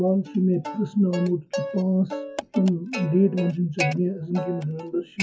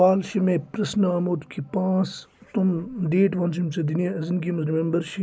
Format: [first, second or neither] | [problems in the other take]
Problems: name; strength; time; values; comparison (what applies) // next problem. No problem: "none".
second | noise reduction (classical method WPE with log-MMSE)